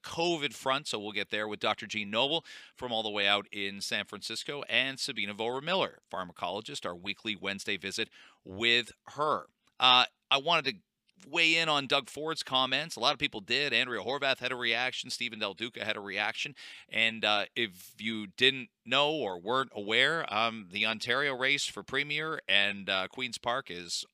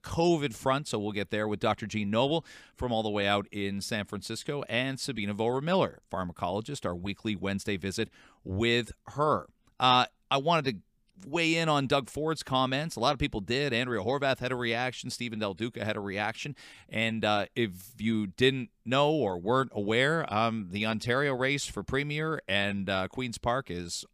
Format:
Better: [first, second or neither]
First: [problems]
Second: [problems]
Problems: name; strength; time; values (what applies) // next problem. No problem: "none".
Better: second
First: thin; very slightly; fading below 750 Hz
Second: none